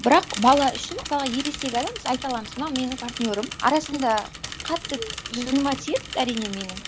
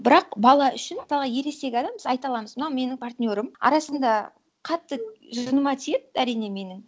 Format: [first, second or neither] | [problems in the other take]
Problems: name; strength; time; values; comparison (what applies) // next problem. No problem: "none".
second | background sound (Mechanisms / Bicycle); 10 dB below the speech